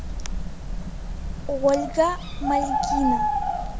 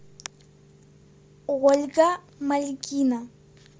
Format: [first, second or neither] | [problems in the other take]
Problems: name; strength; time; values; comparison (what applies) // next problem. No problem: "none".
second | background sound (Bird); 1 dB above the speech